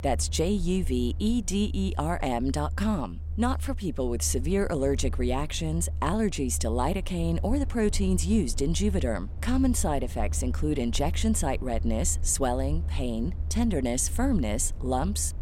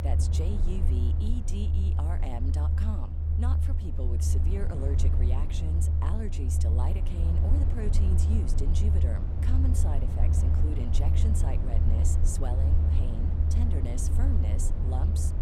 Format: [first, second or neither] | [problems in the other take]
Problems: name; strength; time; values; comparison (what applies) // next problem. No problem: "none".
first | low rumble; loud; throughout; as loud as the speech; faint in the first